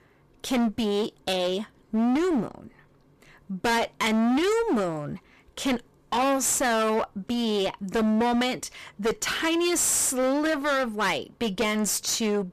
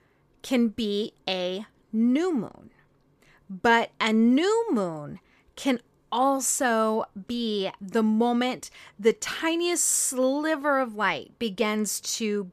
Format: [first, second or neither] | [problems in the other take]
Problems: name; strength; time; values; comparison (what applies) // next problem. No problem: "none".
second | distortion; heavy; 22% of the sound clipped